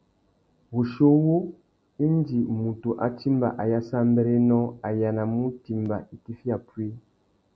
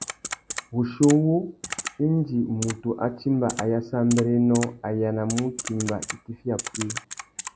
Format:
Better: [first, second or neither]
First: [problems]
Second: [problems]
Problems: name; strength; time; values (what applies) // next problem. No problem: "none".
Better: first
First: none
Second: background sound (Typing); 11 dB below the speech